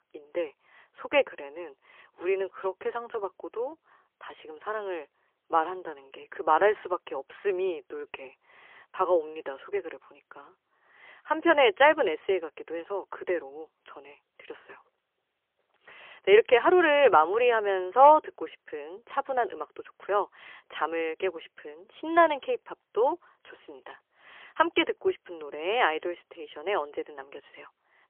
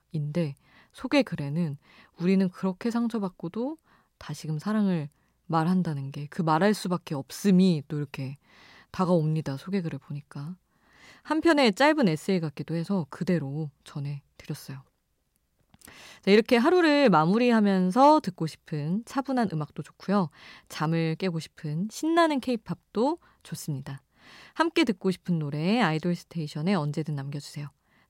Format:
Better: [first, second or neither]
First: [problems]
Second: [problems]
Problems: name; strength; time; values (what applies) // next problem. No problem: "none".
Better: second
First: phone-call audio; poor line; nothing above 3 kHz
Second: none